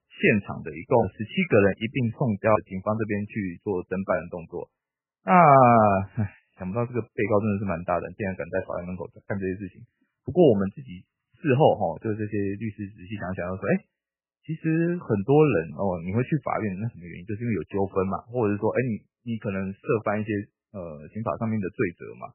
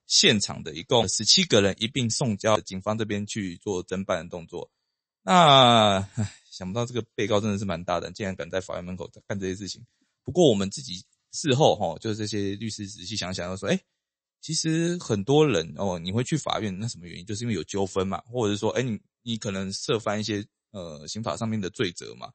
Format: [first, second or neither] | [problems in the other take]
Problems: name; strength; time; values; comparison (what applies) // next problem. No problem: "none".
second | garbled, watery; badly; nothing above 3 kHz; slightly in the second